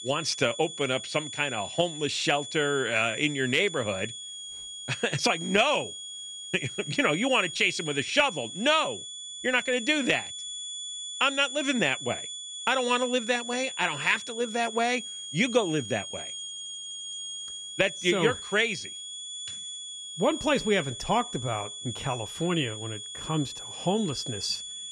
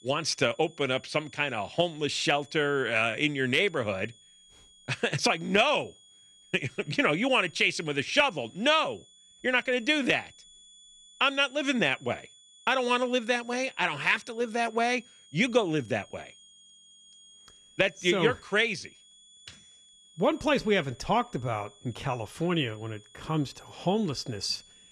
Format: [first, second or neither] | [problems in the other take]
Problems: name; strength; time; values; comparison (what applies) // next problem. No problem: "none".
second | high-pitched whine; loud; throughout; 3.5 kHz, 9 dB below the speech; faint in the second